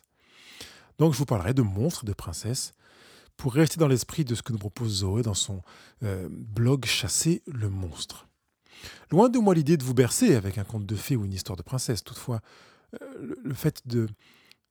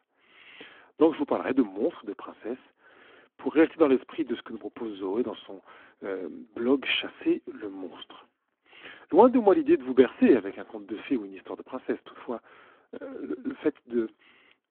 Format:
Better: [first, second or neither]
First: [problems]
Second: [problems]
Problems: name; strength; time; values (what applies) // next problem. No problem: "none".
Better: first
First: none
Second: phone-call audio